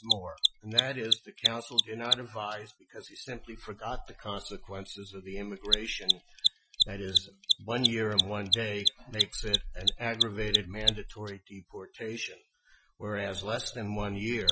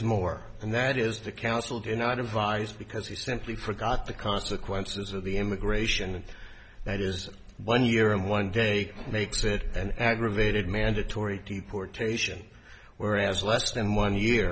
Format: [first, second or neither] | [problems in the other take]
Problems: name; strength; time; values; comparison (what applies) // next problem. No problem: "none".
second | noise reduction (classical method Wiener filter)